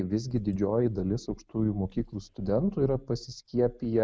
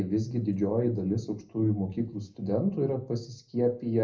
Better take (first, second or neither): first